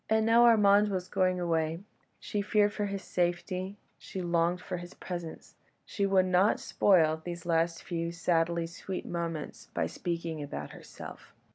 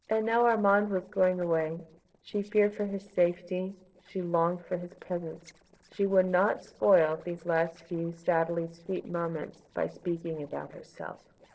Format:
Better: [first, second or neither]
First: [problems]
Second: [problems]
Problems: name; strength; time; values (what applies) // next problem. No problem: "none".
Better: first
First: none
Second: noise reduction (neural separator model SepFormer DNS4)